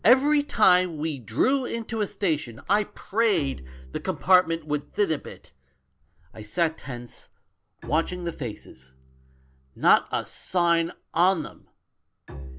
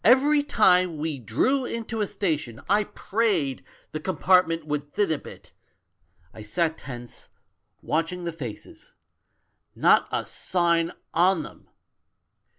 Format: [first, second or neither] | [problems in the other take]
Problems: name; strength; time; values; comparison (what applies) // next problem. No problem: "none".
second | background sound (Bowed string instrument); 19 dB below the speech